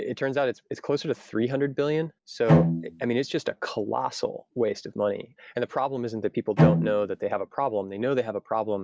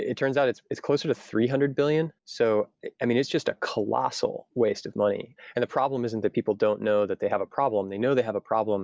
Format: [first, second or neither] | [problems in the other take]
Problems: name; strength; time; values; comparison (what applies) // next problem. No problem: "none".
second | background sound (Bowed string instrument); 3 dB above the speech